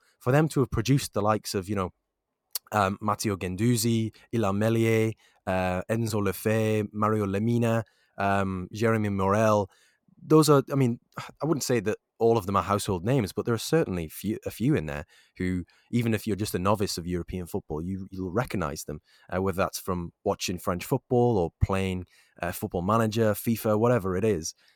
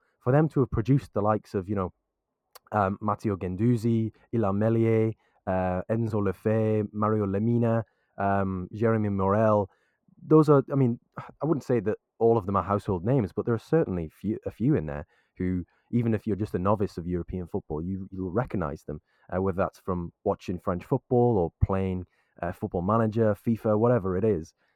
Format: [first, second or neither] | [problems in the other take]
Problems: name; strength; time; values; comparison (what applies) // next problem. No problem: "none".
first | muffled; very; fading above 2.5 kHz